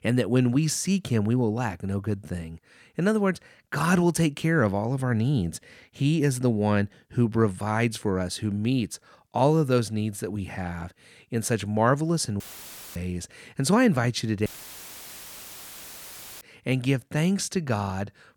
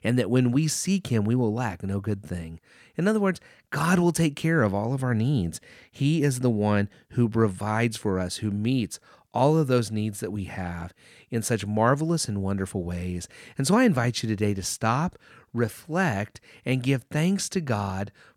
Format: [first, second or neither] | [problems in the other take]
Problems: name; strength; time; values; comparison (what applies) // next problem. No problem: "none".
second | audio cutting out; filled with static; at 12 s for 0.5 s and at 14 s for 2 s